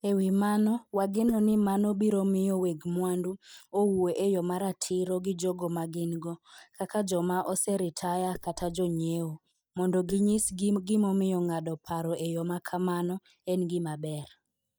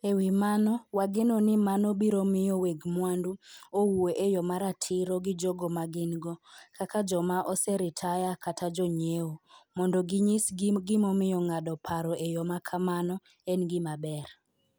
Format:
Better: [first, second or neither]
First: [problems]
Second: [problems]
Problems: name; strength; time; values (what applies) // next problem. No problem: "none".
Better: second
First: noise reduction (neural mask model DeepFilterNet 3)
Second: none